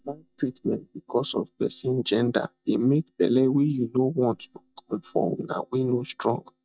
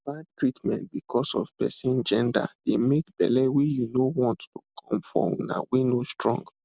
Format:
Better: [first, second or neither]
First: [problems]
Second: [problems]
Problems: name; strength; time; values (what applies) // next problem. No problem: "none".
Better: second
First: noise reduction (neural mask model DeepFilterNet 3)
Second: none